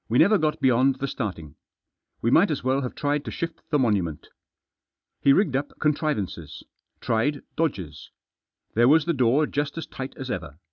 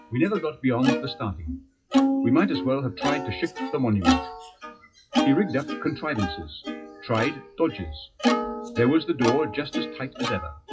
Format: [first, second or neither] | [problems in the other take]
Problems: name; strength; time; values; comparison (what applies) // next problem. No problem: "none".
first | noise reduction (classical method WPE with log-MMSE)